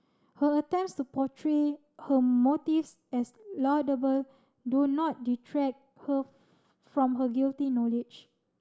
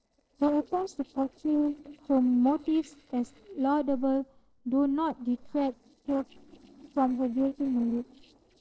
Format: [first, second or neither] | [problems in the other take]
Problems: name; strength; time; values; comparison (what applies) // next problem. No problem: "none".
first | noise reduction (neural separator model SepFormer DNS4)